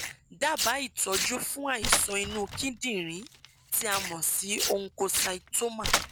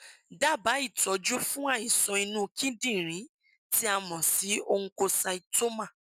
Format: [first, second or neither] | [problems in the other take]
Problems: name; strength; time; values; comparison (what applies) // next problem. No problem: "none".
second | background sound (Tearing); 3 dB below the speech